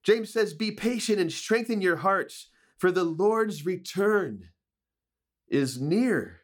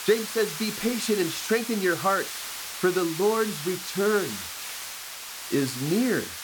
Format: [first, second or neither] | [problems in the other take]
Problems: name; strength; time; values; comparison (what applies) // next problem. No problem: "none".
first | hiss; loud; throughout; 7 dB below the speech